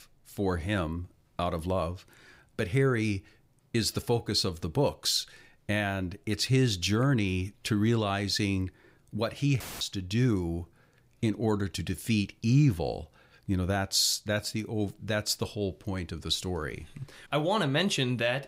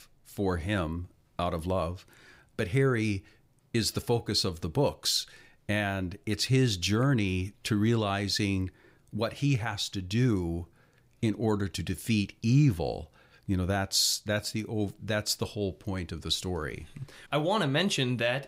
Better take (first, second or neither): second